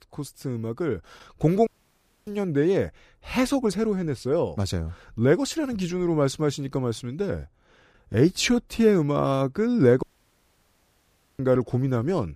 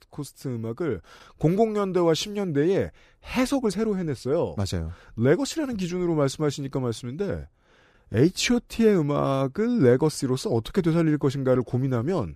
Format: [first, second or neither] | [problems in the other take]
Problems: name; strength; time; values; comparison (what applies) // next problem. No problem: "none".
second | audio cutting out; at 1.5 s for 0.5 s and at 10 s for 1.5 s